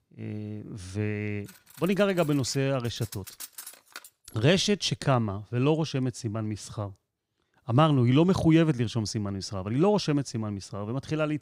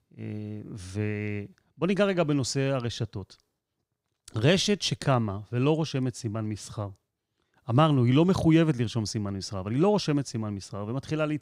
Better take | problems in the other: second | clattering dishes; faint; from 1.5 to 4.5 s; peak 15 dB below the speech

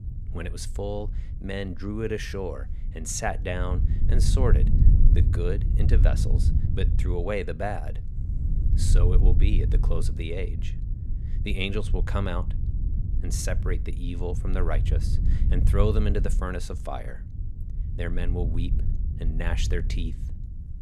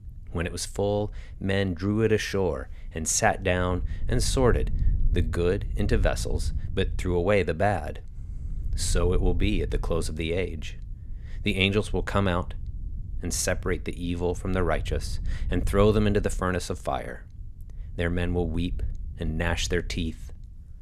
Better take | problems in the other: second | low rumble; loud; throughout; 10 dB below the speech; faint in the second

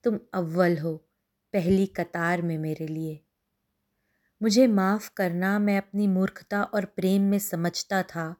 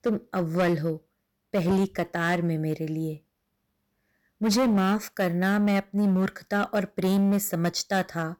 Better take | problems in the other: first | distortion; slight; 10% of the sound clipped

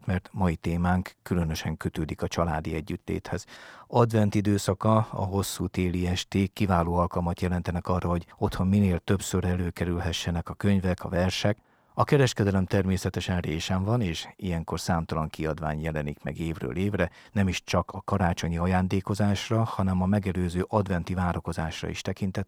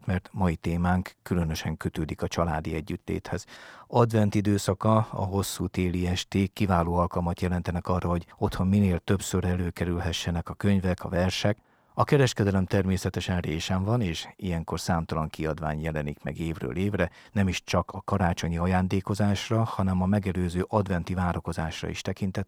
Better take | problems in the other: neither | muffled; very slightly; fading above 3.5 kHz; the same in both

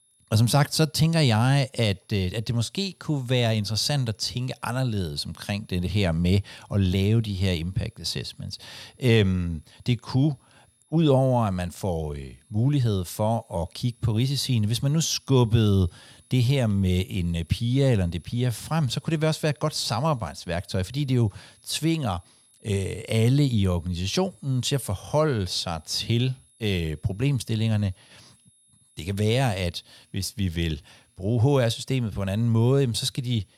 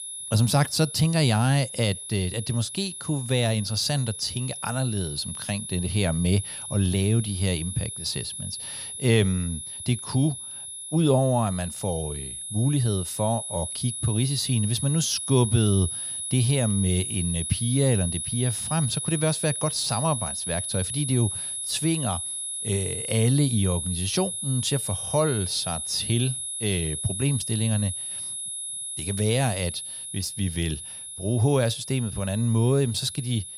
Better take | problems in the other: first | high-pitched whine; loud; throughout; 10.5 kHz, 5 dB below the speech; faint in the first

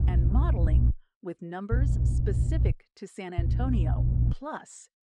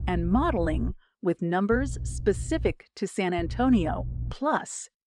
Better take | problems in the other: second | low rumble; loud; at the start, from 1.5 to 2.5 s and at 3.5 s; 3 dB below the speech; faint in the second

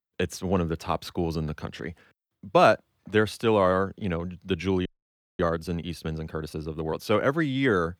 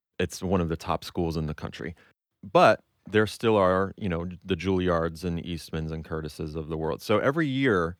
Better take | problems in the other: second | audio freezing; at 5 s for 0.5 s

